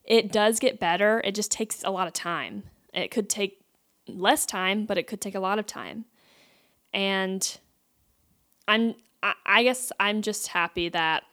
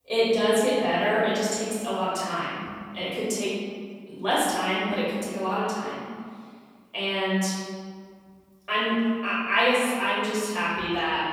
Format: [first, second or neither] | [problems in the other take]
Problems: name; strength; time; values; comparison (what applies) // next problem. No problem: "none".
first | off-mic speech; far // room echo; strong; dies away in 1.7 s